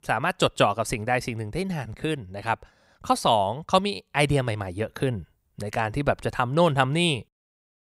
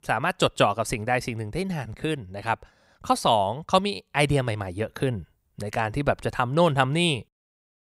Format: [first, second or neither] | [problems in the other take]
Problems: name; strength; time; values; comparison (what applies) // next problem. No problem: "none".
neither | none